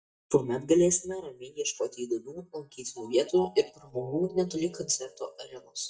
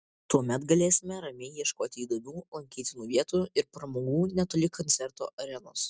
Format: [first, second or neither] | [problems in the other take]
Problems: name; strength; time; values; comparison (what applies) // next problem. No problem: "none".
second | noise reduction (neural mask model DeepFilterNet 3)